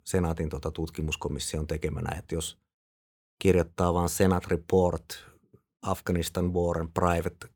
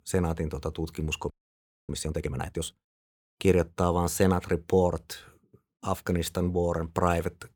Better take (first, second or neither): first